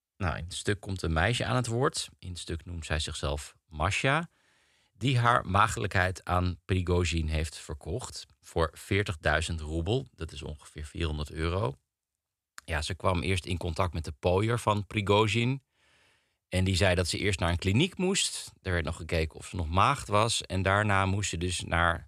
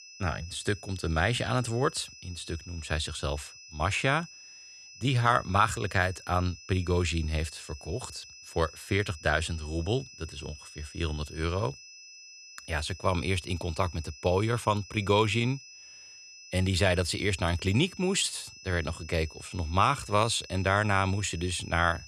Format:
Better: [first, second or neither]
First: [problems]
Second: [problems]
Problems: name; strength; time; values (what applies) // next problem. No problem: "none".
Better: first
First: none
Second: high-pitched whine; noticeable; throughout; 5 kHz, 15 dB below the speech